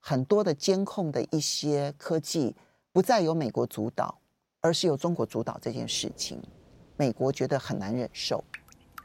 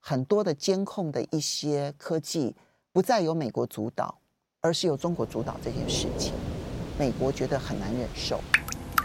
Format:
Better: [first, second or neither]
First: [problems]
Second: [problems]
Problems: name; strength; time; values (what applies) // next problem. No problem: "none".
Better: first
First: rain or running water; faint; from 5.5 s on; 25 dB below the speech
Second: rain or running water; loud; from 5.5 s on; 3 dB below the speech